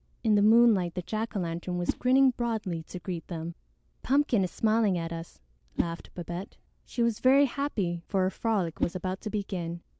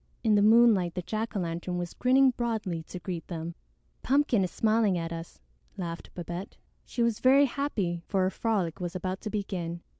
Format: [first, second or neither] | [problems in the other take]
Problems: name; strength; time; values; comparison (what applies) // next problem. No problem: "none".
second | background sound (Whoosh, swoosh, swish); 12 dB below the speech